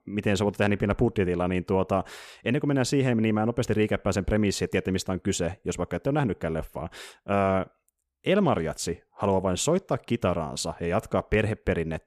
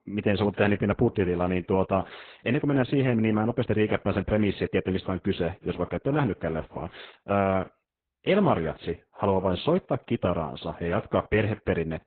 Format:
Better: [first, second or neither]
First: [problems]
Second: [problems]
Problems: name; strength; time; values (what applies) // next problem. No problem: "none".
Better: first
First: none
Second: garbled, watery; badly; nothing above 4 kHz